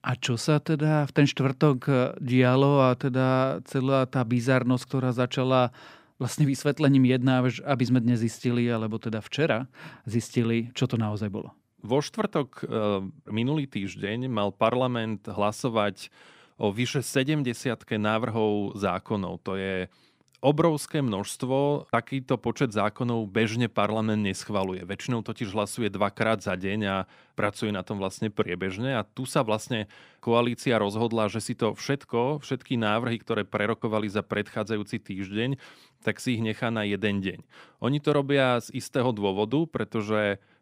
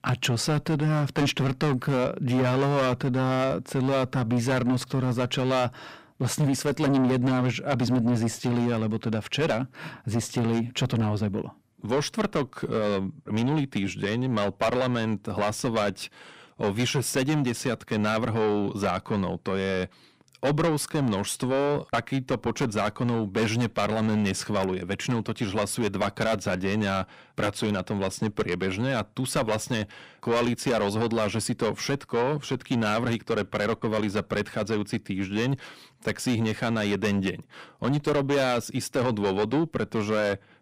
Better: first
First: none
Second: distortion; heavy; 6 dB below the speech

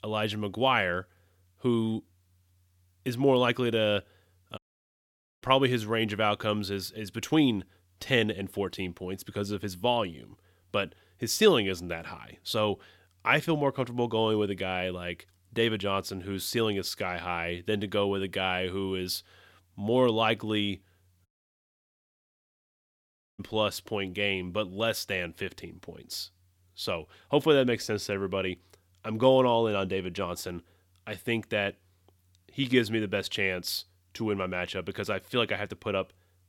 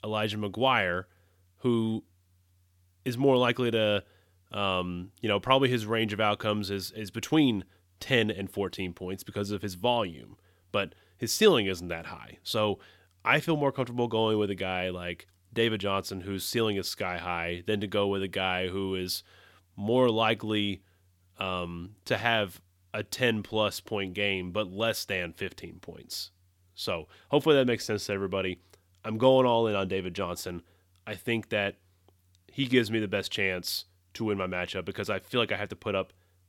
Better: second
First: audio cutting out; at 4.5 s for 1 s and at 21 s for 2 s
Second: none

